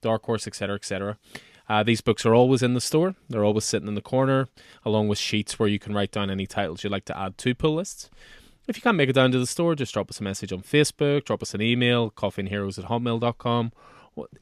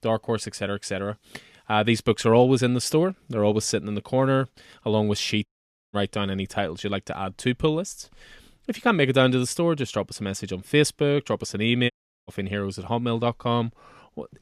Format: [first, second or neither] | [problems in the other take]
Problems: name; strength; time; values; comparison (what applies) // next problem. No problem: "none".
first | audio cutting out; at 5.5 s and at 12 s